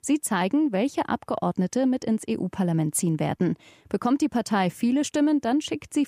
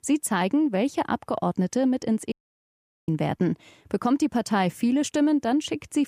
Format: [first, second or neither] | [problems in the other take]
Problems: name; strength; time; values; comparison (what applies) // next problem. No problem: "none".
first | audio cutting out; at 2.5 s for 1 s